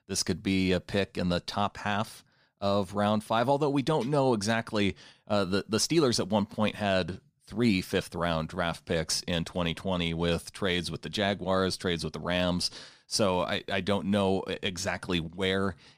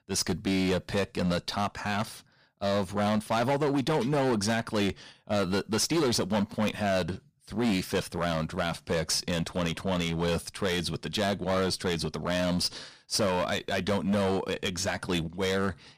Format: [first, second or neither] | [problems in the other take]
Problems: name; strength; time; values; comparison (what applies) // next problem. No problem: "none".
first | distortion; heavy; 11% of the sound clipped